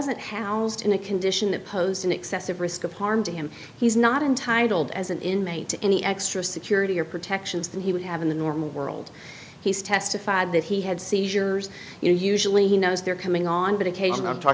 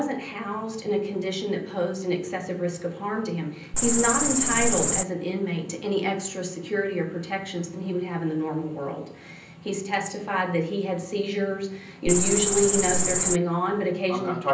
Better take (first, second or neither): first